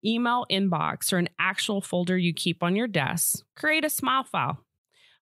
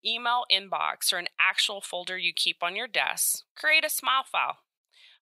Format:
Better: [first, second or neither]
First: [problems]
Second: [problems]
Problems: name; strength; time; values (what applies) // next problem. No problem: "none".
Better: first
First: none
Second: thin; very; fading below 800 Hz